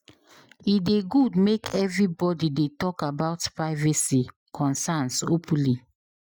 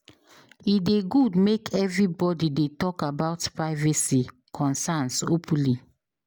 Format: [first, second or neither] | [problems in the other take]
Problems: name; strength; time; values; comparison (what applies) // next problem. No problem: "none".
second | noise reduction (classical method Wiener filter)